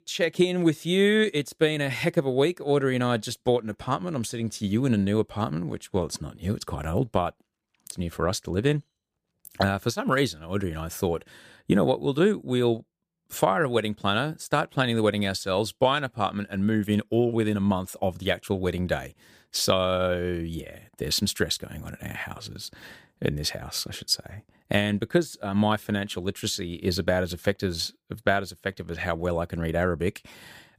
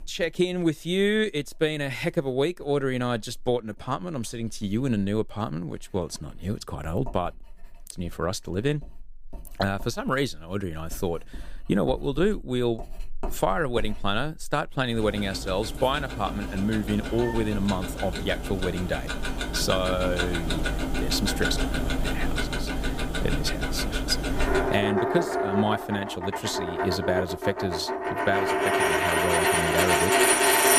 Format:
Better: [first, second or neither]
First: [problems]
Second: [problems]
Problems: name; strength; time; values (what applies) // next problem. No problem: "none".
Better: first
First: none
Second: household noises; very loud; throughout; 1 dB above the speech